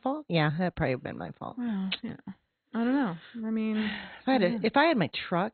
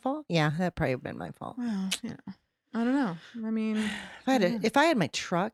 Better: second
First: garbled, watery; badly; nothing above 4 kHz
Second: none

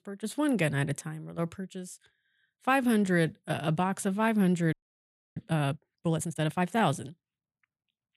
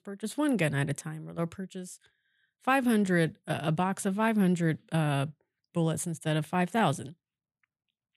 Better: second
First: audio freezing; at 4.5 s for 0.5 s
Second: none

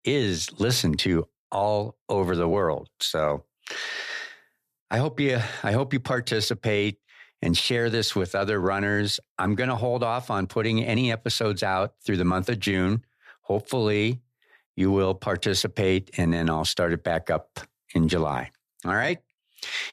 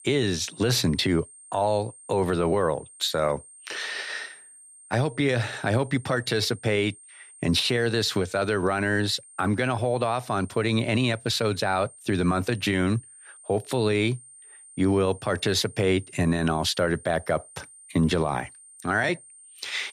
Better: first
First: none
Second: high-pitched whine; faint; throughout; 8.5 kHz, 20 dB below the speech

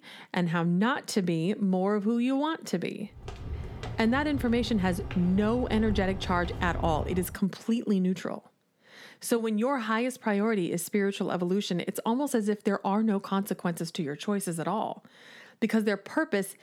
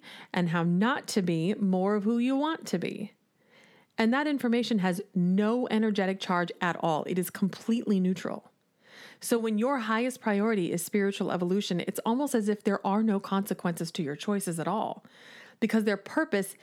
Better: second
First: footsteps; noticeable; from 3 to 7.5 s; peak 7 dB below the speech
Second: none

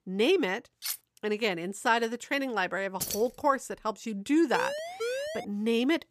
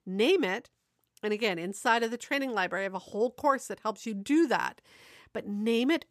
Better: second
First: clattering dishes; noticeable; at 1 s; peak 6 dB below the speech // jangling keys; noticeable; at 3 s; peak 5 dB below the speech // siren; noticeable; at 4.5 s; peak 4 dB below the speech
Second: none

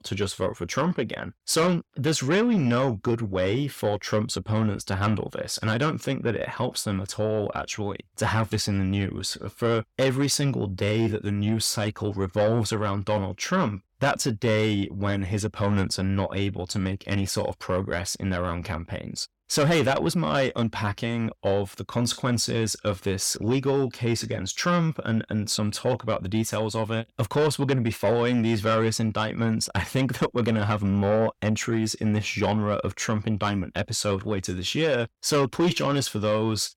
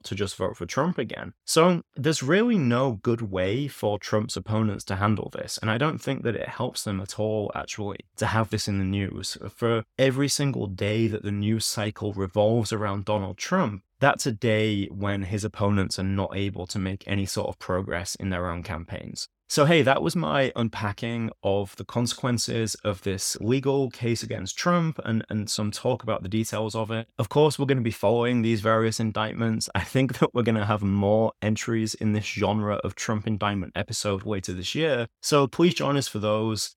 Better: second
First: distortion; slight; 10 dB below the speech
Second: none

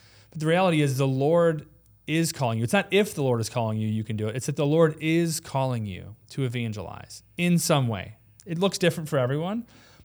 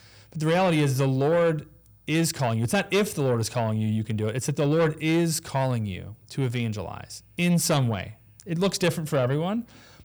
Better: first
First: none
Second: distortion; slight; 10 dB below the speech

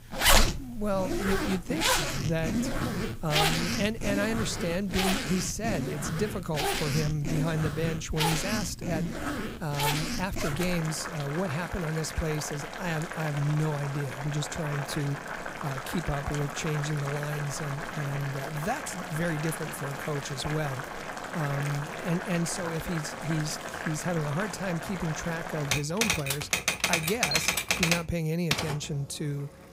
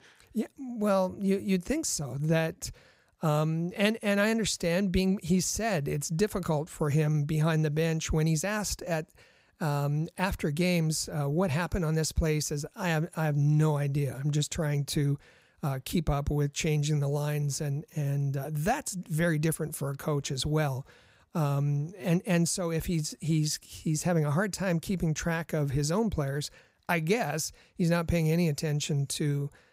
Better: second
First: household noises; very loud; throughout; 1 dB above the speech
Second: none

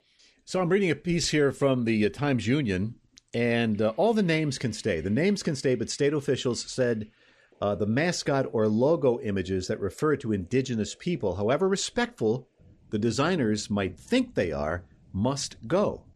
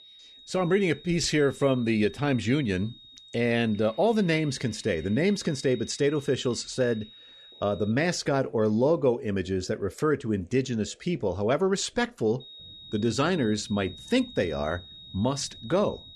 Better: first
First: none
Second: high-pitched whine; noticeable; until 8 s and from 12 s on; 4 kHz, 20 dB below the speech

